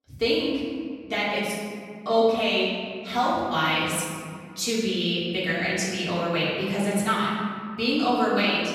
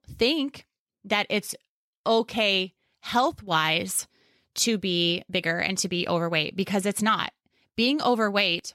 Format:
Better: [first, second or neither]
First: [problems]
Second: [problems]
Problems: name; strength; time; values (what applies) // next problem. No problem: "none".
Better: second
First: room echo; strong; dies away in 1.9 s // off-mic speech; far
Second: none